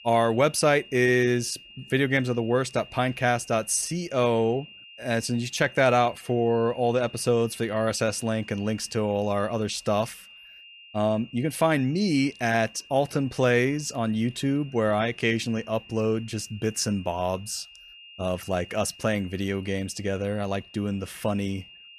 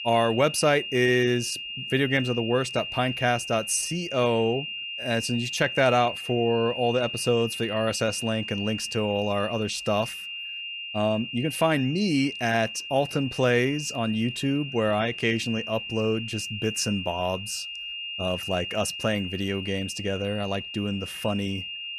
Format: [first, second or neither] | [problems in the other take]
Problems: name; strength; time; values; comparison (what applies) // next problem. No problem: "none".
first | high-pitched whine; loud; throughout; 3 kHz, 7 dB below the speech; faint in the first